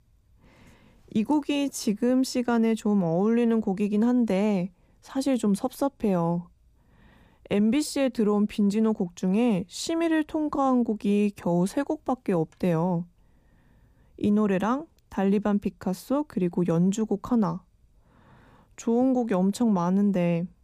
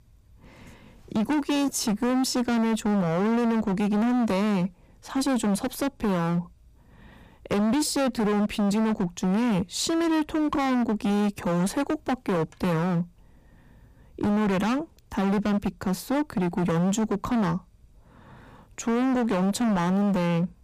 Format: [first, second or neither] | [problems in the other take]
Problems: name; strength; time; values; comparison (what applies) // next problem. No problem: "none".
first | distortion; heavy; 29% of the sound clipped